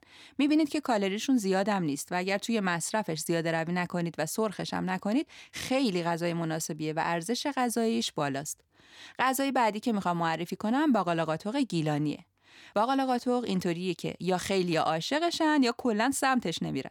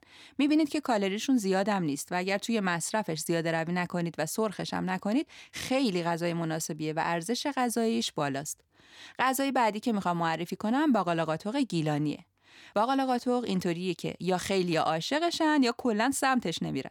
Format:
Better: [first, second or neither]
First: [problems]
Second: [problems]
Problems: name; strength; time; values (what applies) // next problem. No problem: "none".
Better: neither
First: none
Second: none